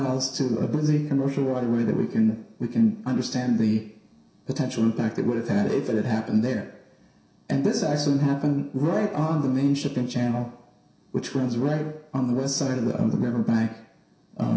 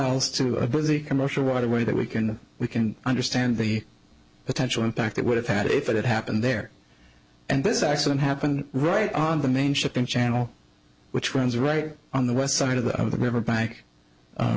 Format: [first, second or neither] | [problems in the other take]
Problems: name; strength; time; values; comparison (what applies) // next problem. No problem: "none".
second | room echo; dies away in 0.7 s